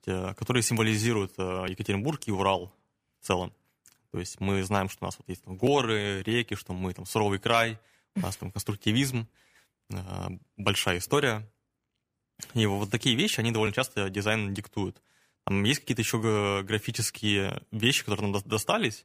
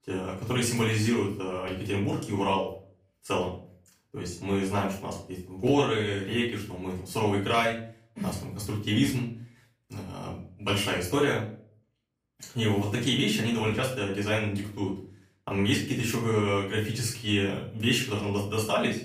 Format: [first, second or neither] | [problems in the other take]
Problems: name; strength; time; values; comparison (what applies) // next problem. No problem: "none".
first | room echo; slight; dies away in 0.4 s // off-mic speech; far